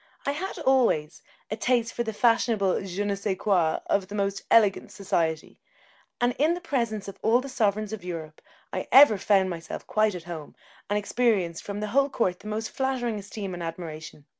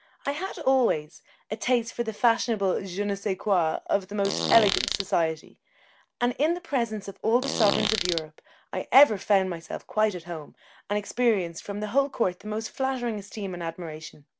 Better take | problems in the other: first | background sound (Fart); 3 dB below the speech

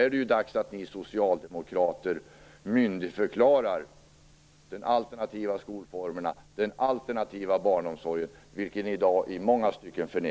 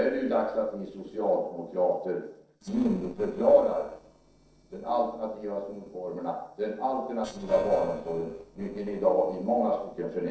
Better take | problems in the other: first | noise reduction (neural separator model SepFormer DNS4)

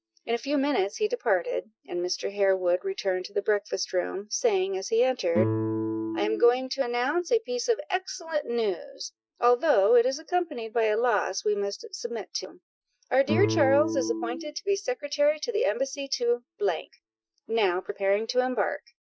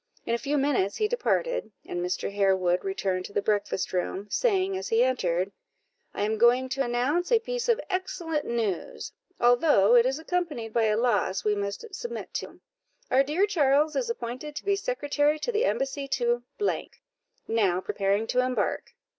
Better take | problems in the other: second | noise reduction (classical method Wiener filter)

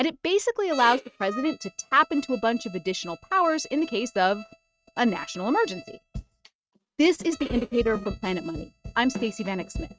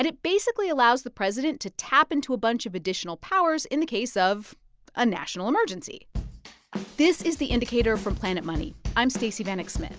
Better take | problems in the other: second | noise reduction (neural mask model RNNoise)

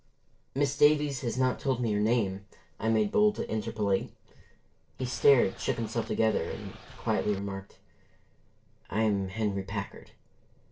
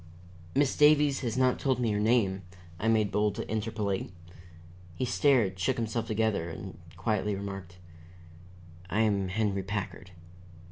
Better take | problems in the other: second | noise reduction (neural separator model SepFormer DNS4)

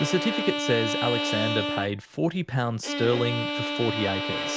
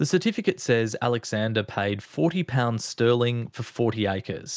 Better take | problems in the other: second | background sound (Bowed string instrument); 2 dB below the speech

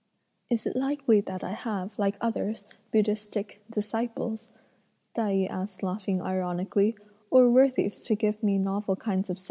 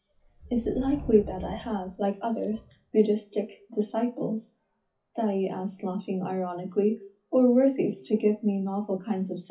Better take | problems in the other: first | noise reduction (classical method WPE with log-MMSE)

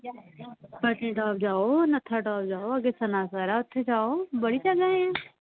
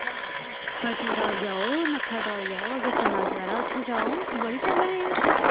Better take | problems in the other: first | background sound (Engine); 4 dB above the speech

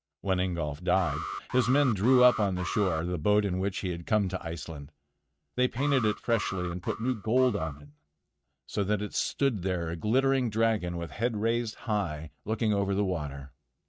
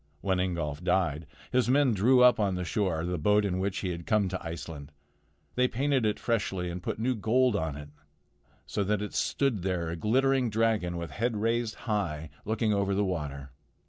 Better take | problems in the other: second | noise reduction (neural mask model RNNoise)

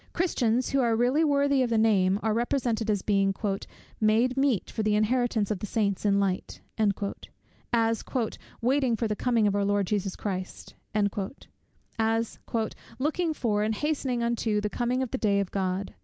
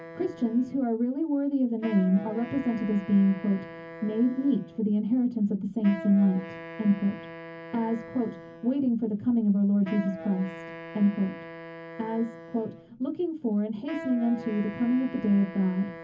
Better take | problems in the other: first | background sound (Wind instrument, woodwind instrument); 15 dB below the speech // room echo; dies away in 0.3 s

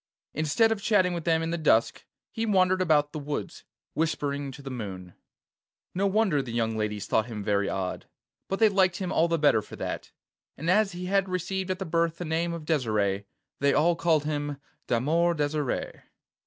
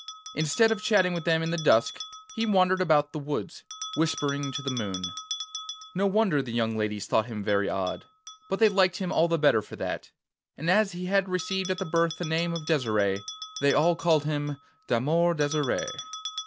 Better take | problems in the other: first | background sound (Bell); 14 dB below the speech

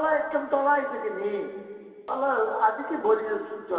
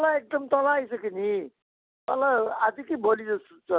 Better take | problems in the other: second | room echo; dies away in 2.5 s

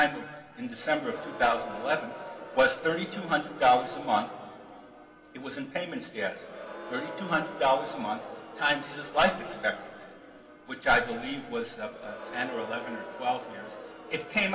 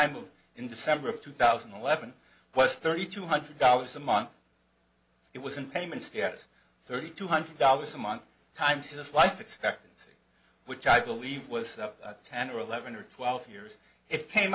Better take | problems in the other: second | background sound (Crowd); 13 dB below the speech // room echo; dies away in 2.2 s

